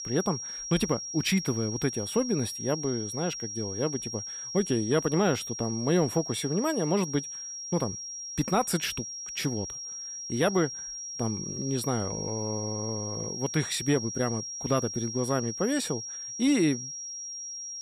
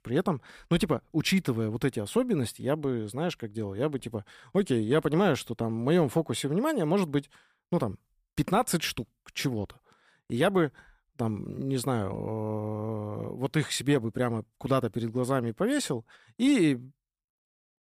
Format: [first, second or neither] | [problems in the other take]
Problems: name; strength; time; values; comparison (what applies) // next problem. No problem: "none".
second | high-pitched whine; loud; throughout; 5.5 kHz, 5 dB below the speech